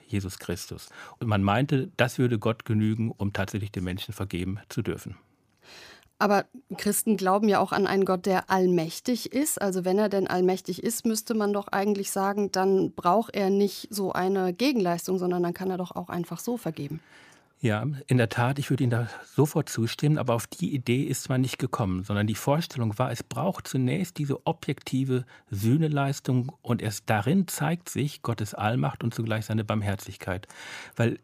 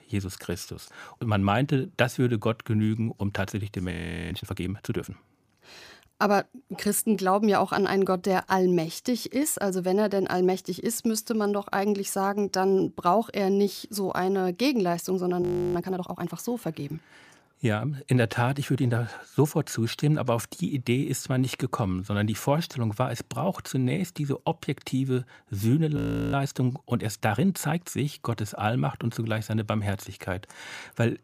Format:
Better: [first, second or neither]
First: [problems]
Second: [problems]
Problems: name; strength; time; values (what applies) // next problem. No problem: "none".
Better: first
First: none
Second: audio freezing; at 4 s, at 15 s and at 26 s